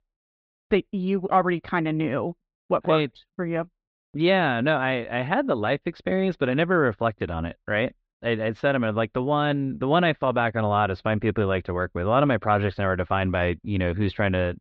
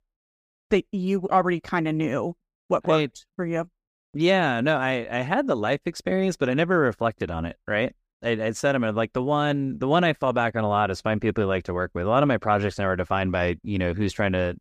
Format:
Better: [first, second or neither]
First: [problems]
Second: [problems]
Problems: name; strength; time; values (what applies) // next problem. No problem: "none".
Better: second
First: muffled; slightly; fading above 4 kHz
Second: none